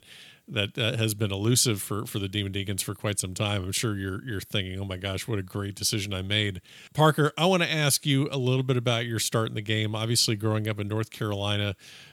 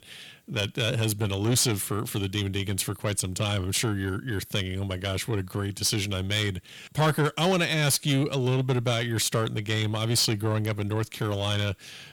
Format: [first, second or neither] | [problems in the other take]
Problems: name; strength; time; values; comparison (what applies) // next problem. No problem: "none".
first | distortion; slight; 10 dB below the speech